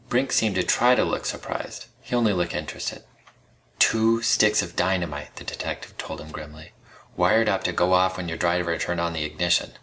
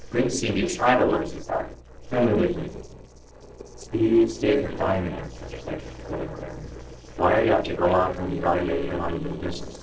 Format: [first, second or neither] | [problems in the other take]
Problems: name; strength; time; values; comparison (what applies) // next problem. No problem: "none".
first | noise reduction (neural separator model SepFormer DNS4)